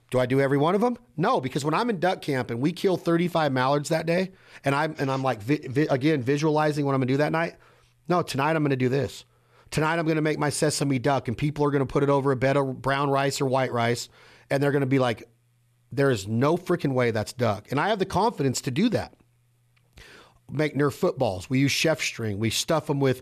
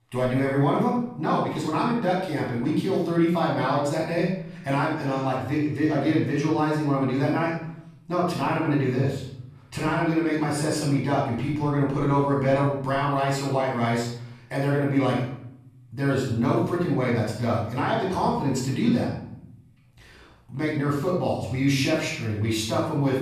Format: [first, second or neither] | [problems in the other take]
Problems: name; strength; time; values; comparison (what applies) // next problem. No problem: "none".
first | off-mic speech; far // room echo; noticeable; dies away in 0.8 s